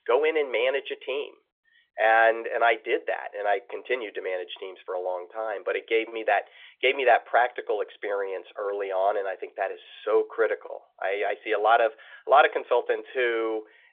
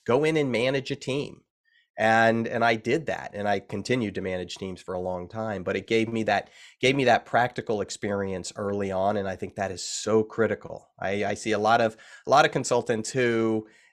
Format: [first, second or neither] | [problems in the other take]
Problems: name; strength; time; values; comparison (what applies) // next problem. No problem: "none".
second | phone-call audio; nothing above 3.5 kHz